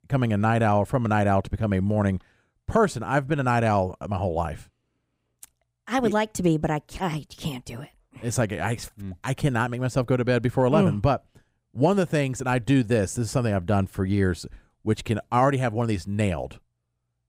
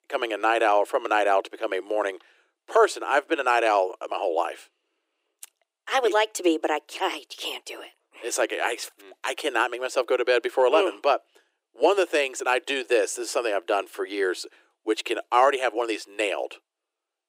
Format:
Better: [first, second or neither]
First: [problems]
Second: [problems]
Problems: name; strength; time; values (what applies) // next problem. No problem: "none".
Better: first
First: none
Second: thin; very; fading below 350 Hz